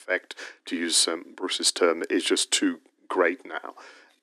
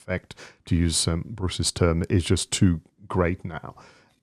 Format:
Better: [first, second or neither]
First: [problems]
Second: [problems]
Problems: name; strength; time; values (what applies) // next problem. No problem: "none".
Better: second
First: thin; somewhat; fading below 300 Hz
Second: none